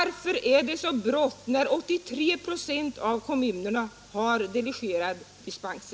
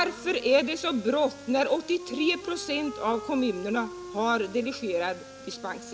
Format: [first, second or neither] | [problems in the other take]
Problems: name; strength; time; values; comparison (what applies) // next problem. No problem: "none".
first | background sound (Wind instrument, woodwind instrument); 15 dB below the speech